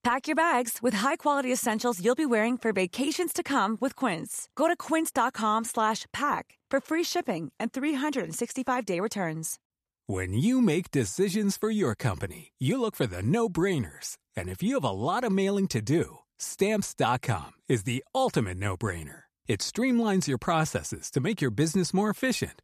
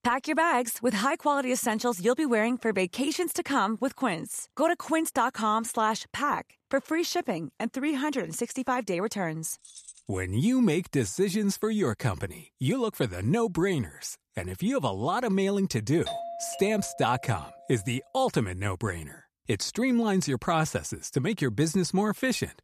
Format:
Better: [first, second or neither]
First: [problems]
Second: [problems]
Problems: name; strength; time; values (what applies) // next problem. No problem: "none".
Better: first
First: none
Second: jangling keys; faint; at 9.5 s; peak 20 dB below the speech // doorbell; noticeable; from 16 to 18 s; peak 7 dB below the speech